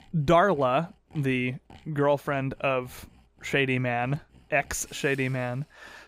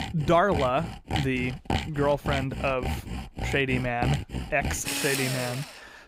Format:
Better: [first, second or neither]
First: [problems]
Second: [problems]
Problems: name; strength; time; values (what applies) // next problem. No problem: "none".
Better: first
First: machinery noise; faint; throughout; 30 dB below the speech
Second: machinery noise; loud; throughout; 5 dB below the speech